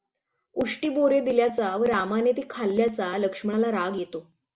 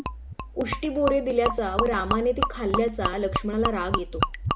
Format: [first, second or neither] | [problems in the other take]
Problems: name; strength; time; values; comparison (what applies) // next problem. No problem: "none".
first | background sound (Gurgling / Liquid); 3 dB below the speech